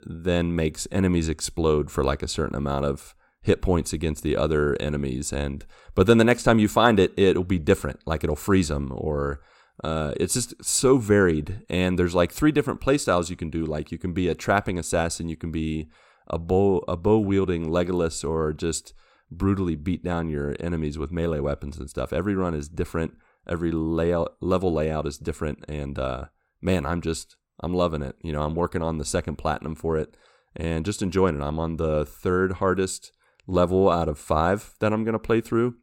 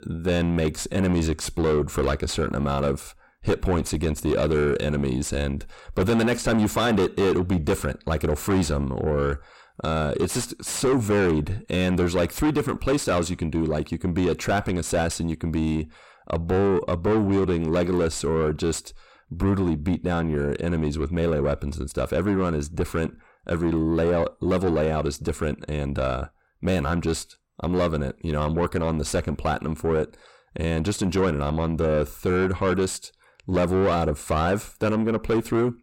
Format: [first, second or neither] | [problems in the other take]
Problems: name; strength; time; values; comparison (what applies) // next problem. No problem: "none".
first | distortion; heavy; 7 dB below the speech